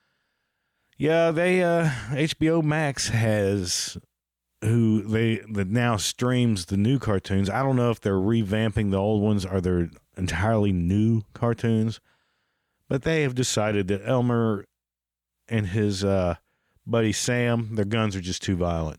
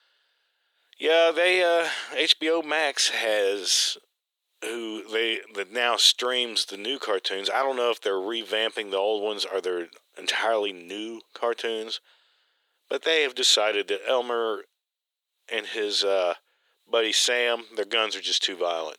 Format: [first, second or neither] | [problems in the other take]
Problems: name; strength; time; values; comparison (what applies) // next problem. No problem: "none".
first | thin; very; fading below 400 Hz